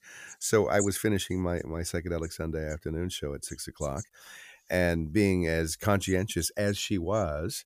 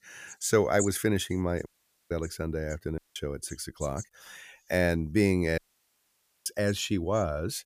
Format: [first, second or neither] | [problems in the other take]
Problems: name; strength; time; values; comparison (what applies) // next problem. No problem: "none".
first | audio cutting out; at 1.5 s, at 3 s and at 5.5 s for 1 s